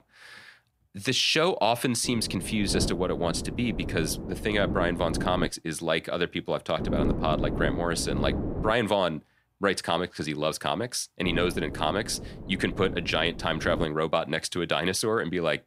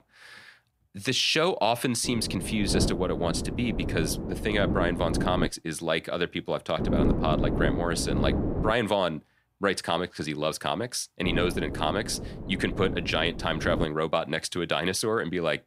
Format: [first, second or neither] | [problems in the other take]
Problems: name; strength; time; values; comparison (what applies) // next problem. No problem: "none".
first | wind noise on the microphone; heavy; from 2 to 5.5 s, from 7 to 8.5 s and from 11 to 14 s; 8 dB below the speech; occasional gusts in the first